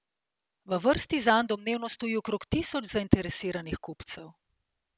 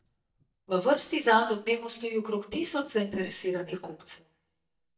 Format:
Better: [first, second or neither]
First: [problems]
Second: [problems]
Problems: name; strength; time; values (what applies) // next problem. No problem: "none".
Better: first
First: none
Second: noise reduction (neural mask model DeepFilterNet 3)